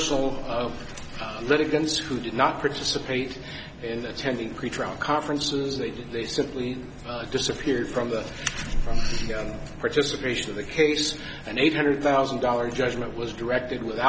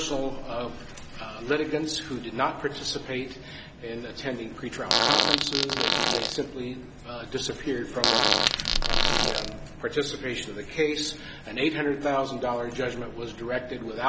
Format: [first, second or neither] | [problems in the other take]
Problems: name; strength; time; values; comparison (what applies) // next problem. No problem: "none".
first | background sound (Fart); 4 dB above the speech